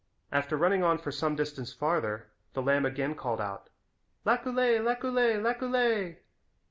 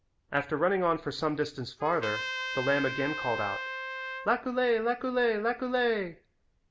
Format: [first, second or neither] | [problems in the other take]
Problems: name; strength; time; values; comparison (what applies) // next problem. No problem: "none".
first | background sound (Trumpet); 6 dB below the speech